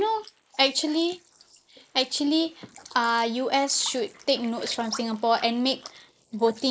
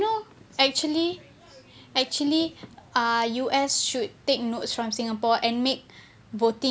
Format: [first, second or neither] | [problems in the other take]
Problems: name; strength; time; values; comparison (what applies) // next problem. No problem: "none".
second | noise reduction (neural mask model Resemble Enhance denoiser)